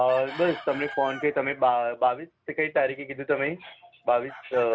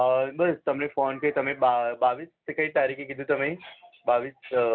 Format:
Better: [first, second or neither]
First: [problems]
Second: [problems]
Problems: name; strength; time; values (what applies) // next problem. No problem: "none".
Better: second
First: background sound (Chicken, rooster); 18 dB below the speech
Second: none